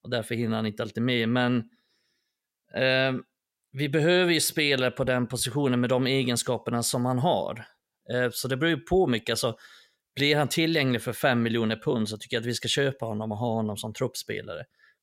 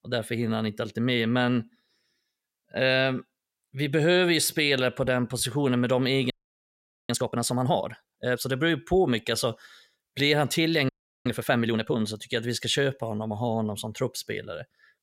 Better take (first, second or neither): first